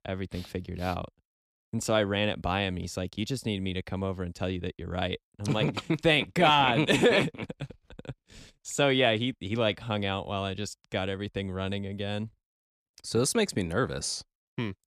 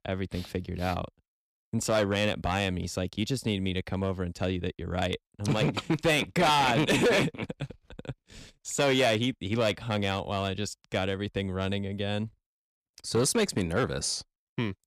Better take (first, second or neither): first